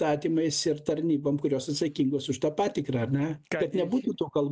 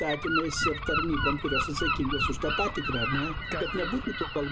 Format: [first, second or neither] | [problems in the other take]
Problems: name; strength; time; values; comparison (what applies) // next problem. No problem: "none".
first | background sound (Gull, seagull); 1 dB above the speech